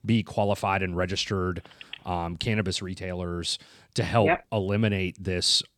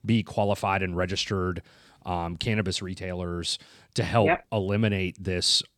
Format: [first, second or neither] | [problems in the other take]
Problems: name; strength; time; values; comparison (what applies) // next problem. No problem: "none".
second | phone ringing; faint; at 1.5 s; peak 15 dB below the speech